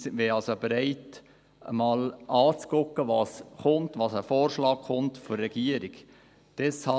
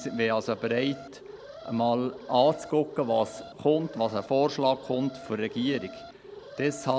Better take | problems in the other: first | background sound (Alarm); 17 dB below the speech

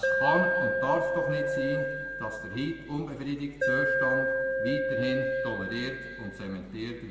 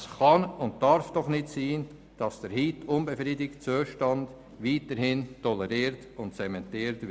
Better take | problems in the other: second | background sound (Alarm); 3 dB above the speech // room echo; dies away in 2.1 s

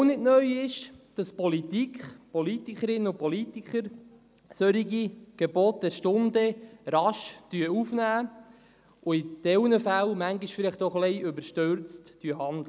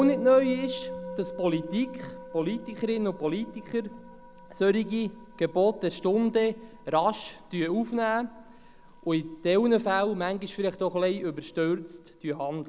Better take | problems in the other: first | background sound (Musical instrument); 14 dB below the speech

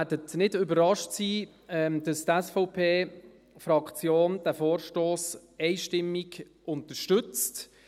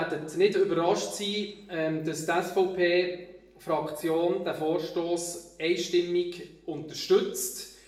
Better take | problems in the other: first | room echo; dies away in 0.6 s

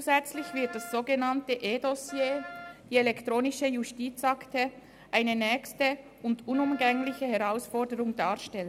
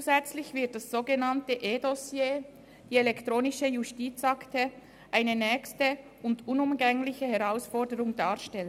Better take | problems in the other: second | background sound (Wind instrument, woodwind instrument); 16 dB below the speech

